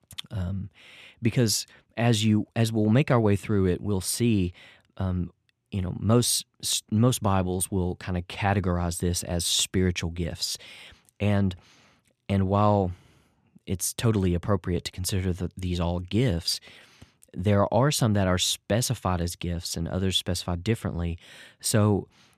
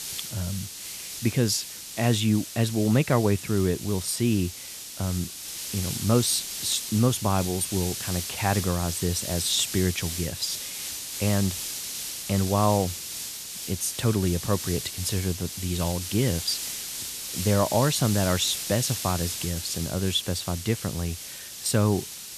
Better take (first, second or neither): first